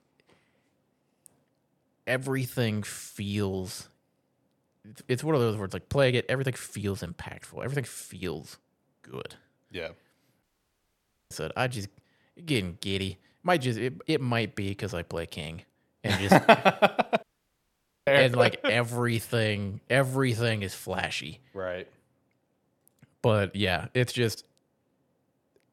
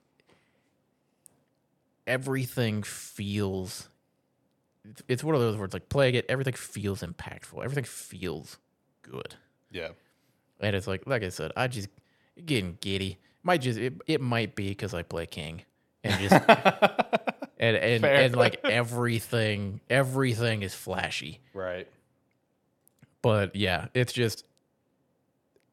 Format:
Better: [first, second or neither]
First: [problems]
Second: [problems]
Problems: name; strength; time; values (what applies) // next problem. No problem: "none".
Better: second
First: audio cutting out; at 10 s for 1 s and at 17 s for 1 s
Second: none